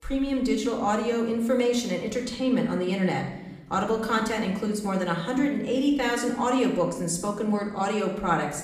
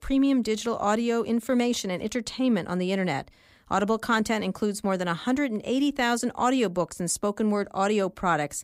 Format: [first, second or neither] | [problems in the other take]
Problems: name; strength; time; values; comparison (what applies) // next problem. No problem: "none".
second | room echo; noticeable; dies away in 0.9 s // off-mic speech; somewhat distant